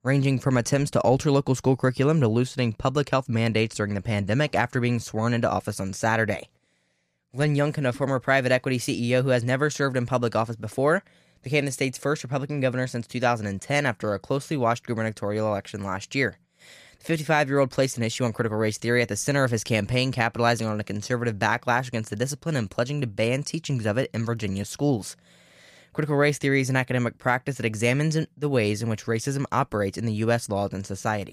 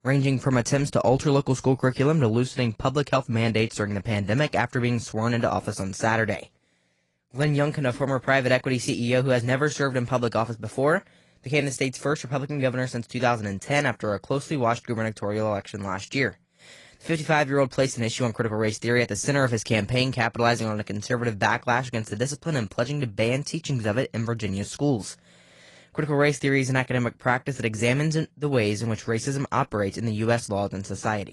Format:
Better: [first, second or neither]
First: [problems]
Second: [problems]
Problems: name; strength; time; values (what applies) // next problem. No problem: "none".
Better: first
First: none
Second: garbled, watery; slightly; nothing above 10.5 kHz